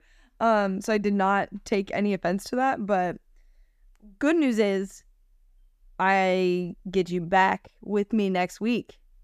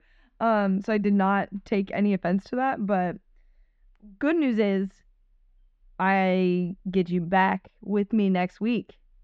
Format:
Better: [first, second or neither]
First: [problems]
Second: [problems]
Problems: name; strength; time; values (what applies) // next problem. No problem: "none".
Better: first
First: none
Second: muffled; slightly; fading above 3.5 kHz